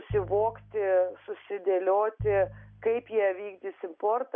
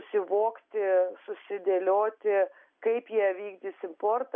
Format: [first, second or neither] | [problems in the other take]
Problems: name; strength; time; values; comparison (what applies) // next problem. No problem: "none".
second | background sound (Piano); 16 dB below the speech